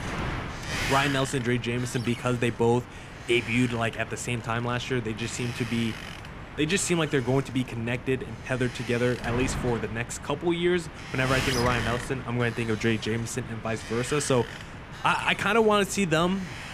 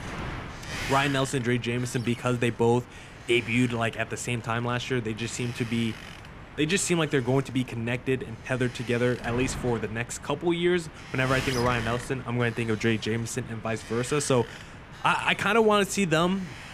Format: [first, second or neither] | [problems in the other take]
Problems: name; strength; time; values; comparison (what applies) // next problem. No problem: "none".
second | wind noise on the microphone; heavy; 8 dB below the speech; occasional gusts in the second